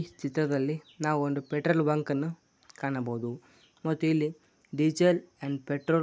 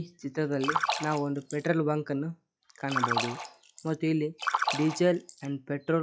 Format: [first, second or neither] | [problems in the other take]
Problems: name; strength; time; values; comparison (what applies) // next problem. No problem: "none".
first | noise reduction (classical method log-MMSE)